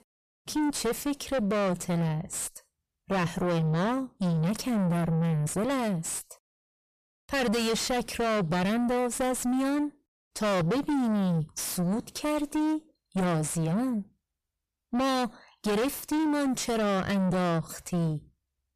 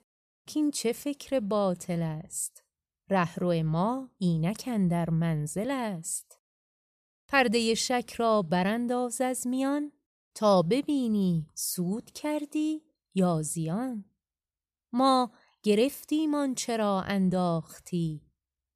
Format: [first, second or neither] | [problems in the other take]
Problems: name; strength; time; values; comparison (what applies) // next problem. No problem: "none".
second | distortion; heavy; 4 dB below the speech